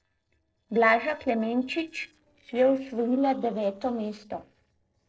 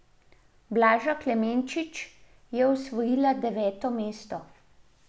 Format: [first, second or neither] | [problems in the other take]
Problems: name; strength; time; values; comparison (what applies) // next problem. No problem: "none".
second | noise reduction (neural separator model SepFormer DNS4)